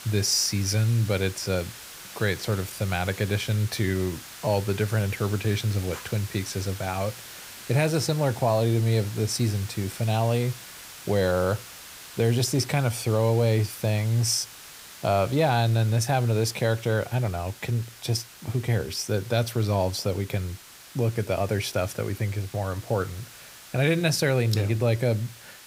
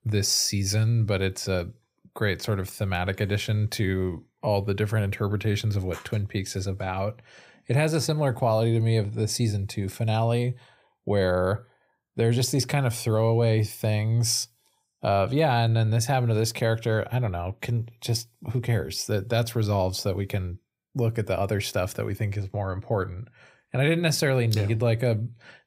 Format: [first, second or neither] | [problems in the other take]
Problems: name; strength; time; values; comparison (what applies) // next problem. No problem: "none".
second | hiss; noticeable; throughout; 15 dB below the speech